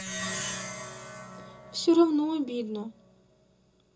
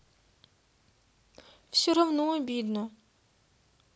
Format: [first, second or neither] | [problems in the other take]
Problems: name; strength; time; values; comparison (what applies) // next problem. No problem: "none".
second | background sound (Plucked string instrument); 10 dB below the speech // room echo; dies away in 0.2 s